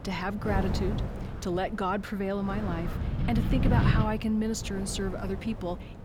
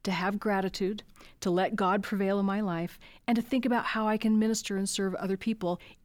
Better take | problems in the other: second | wind noise on the microphone; heavy; 7 dB below the speech

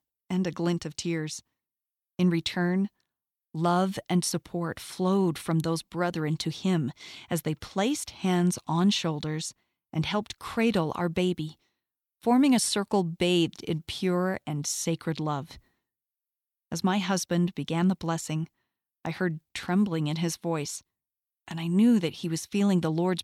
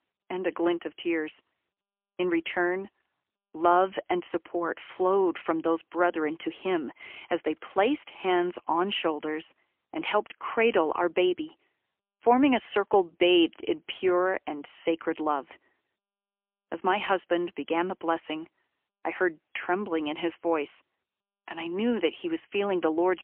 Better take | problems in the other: first | phone-call audio; poor line; nothing above 3 kHz

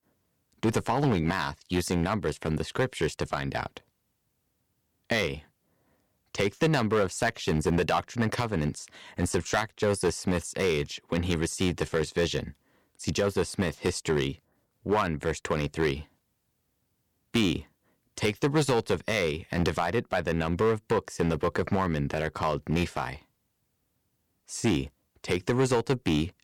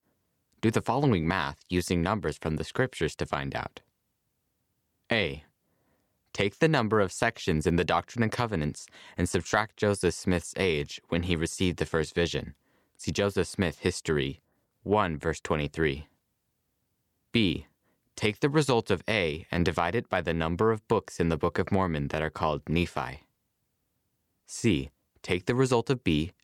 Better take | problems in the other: second | distortion; slight; 3% of the sound clipped

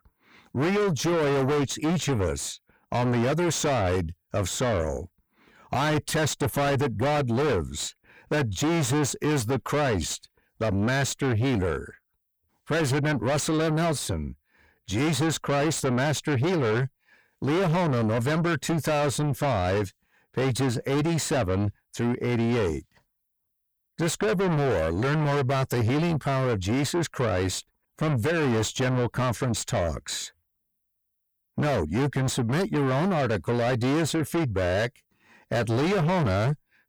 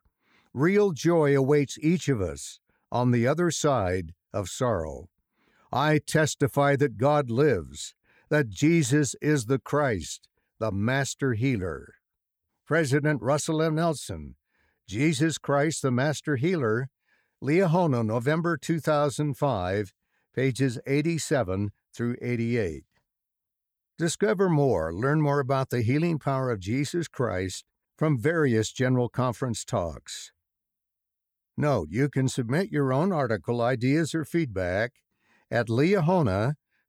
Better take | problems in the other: second | distortion; heavy; 5 dB below the speech

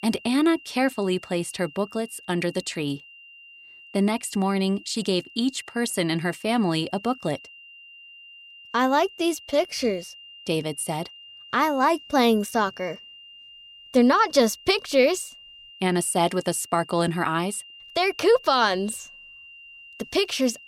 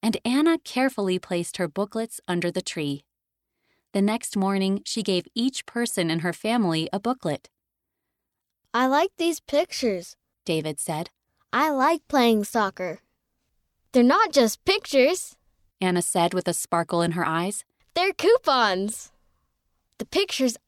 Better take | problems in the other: second | high-pitched whine; noticeable; throughout; 3 kHz, 20 dB below the speech

